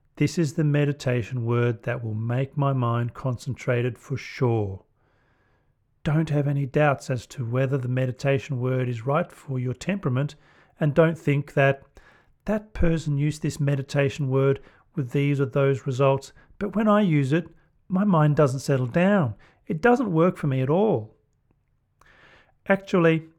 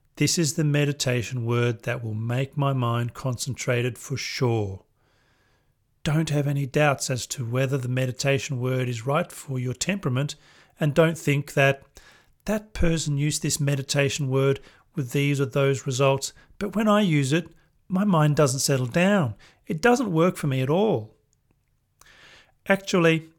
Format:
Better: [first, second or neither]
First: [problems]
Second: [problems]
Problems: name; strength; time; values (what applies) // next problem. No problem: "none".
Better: second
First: muffled; slightly; fading above 3 kHz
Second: none